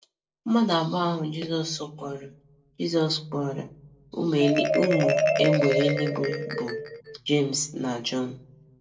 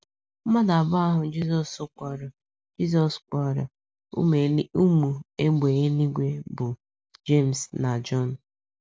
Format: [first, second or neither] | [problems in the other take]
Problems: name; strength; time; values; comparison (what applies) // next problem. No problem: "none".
second | background sound (Marimba, xylophone); 4 dB below the speech // room echo; dies away in 0.2 s